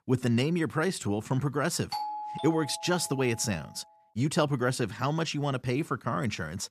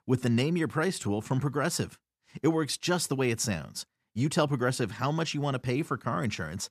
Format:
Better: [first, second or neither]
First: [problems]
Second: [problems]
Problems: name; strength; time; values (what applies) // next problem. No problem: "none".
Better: second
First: doorbell; noticeable; from 2 to 3.5 s; peak 5 dB below the speech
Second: none